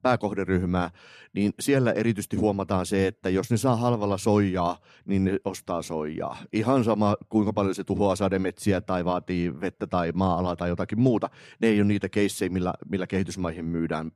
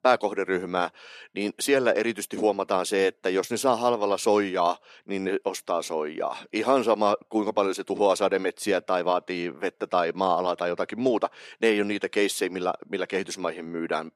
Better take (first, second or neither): first